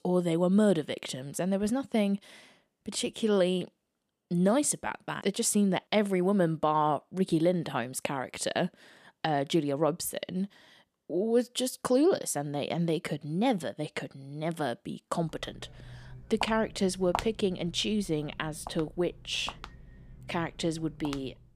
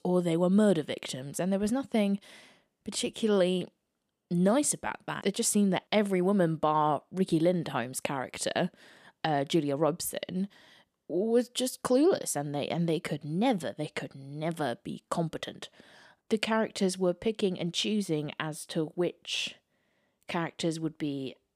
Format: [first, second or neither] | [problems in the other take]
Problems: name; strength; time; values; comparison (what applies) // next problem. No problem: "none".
second | footsteps; noticeable; from 16 s on; peak 5 dB below the speech